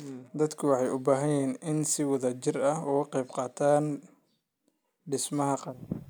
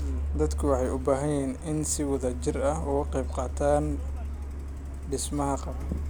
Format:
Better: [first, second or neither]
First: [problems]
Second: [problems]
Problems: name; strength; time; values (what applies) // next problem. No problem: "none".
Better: first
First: none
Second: background sound (Truck); 3 dB below the speech